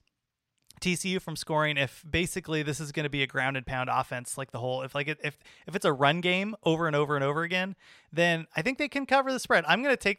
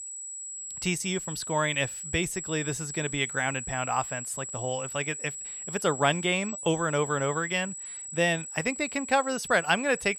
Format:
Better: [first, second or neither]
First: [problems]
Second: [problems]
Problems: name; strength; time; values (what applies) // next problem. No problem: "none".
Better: first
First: none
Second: high-pitched whine; loud; throughout; 8 kHz, 7 dB below the speech